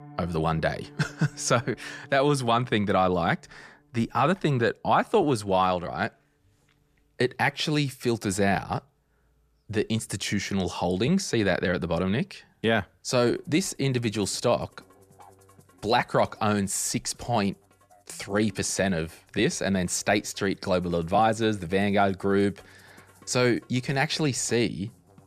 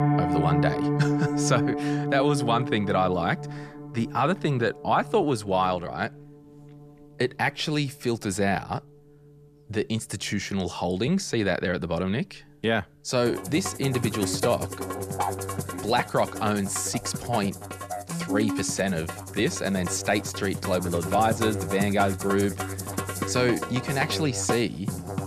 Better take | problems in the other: first | background music; loud; throughout; 4 dB below the speech; faint in the first

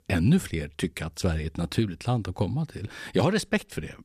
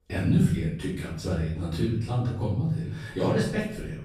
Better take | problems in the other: first | off-mic speech; far // room echo; noticeable; dies away in 0.7 s

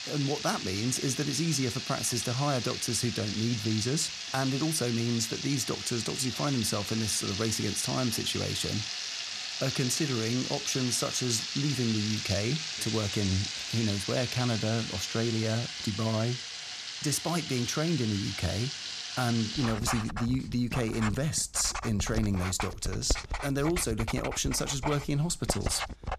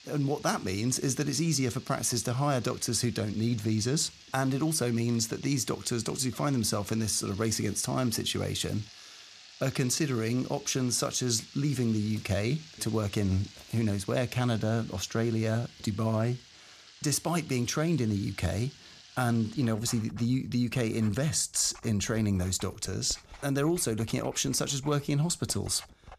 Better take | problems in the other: second | household noises; loud; throughout; 4 dB below the speech; faint in the second

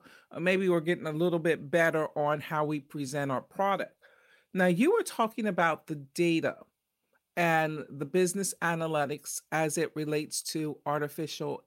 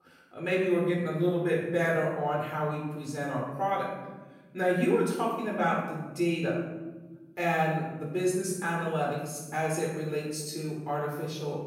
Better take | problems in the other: first | off-mic speech; far // room echo; noticeable; dies away in 1.3 s

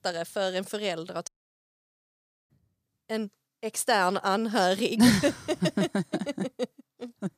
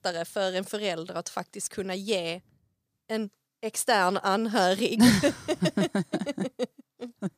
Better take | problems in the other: second | audio cutting out; at 1.5 s for 1 s

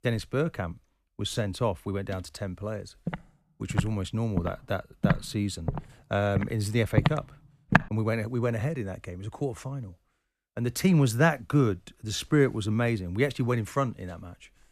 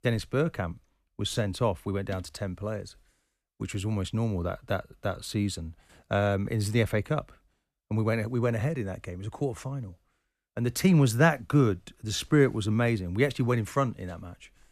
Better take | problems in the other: second | footsteps; loud; from 3 to 8 s; peak 4 dB above the speech

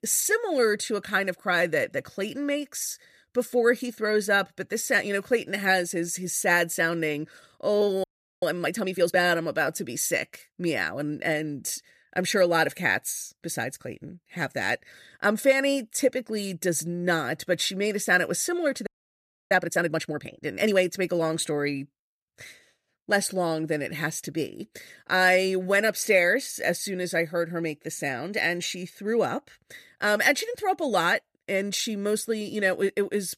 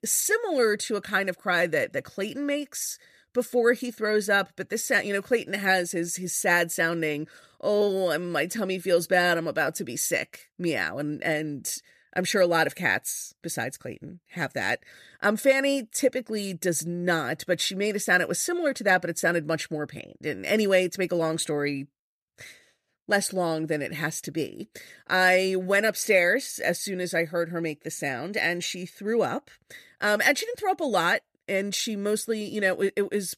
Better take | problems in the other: second | audio freezing; at 8 s and at 19 s for 0.5 s

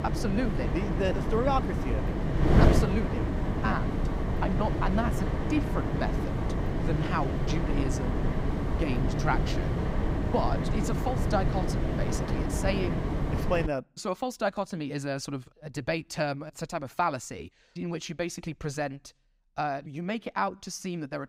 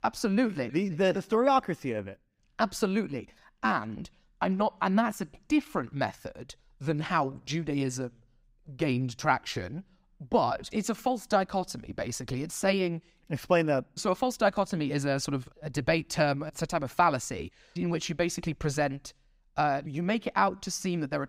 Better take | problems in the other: second | wind noise on the microphone; heavy; until 14 s; 2 dB below the speech

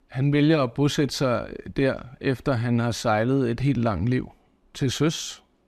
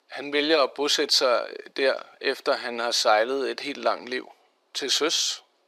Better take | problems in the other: first | thin; very; fading below 400 Hz

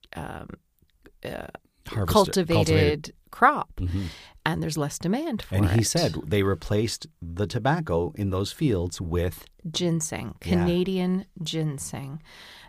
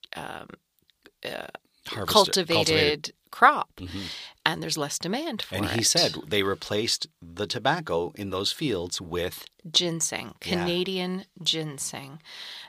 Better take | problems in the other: first | thin; somewhat; fading below 450 Hz

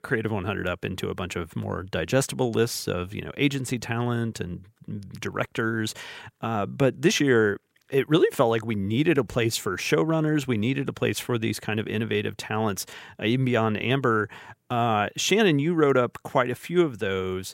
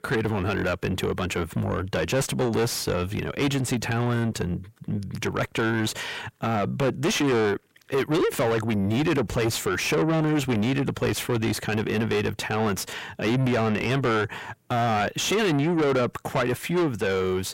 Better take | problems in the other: first | distortion; heavy; 6 dB below the speech

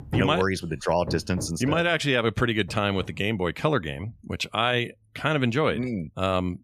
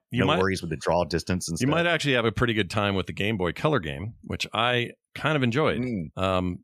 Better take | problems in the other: second | machinery noise; noticeable; throughout; 15 dB below the speech

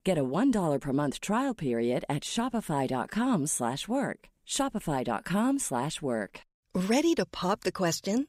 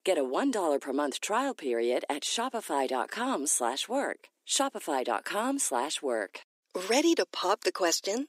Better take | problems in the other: first | thin; somewhat; fading below 300 Hz

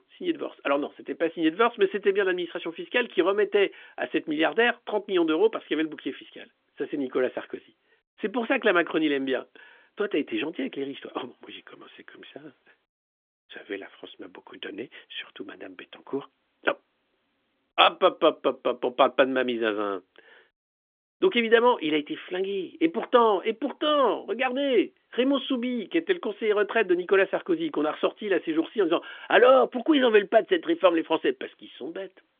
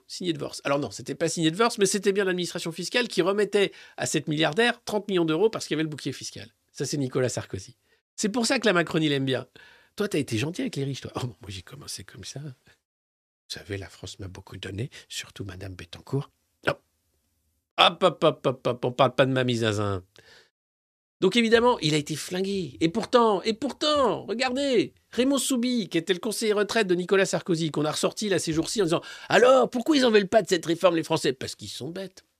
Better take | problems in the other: second | phone-call audio; nothing above 3.5 kHz

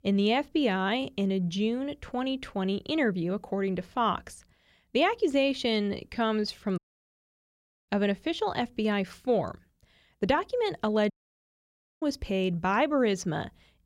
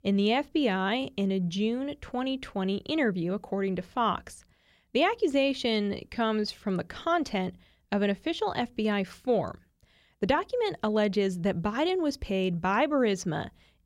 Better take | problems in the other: second | audio cutting out; at 7 s for 1 s and at 11 s for 1 s

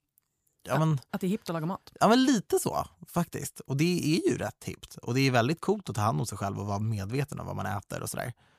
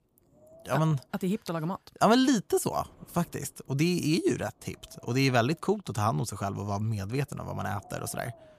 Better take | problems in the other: first | wind noise on the microphone; occasional gusts; 20 dB below the speech

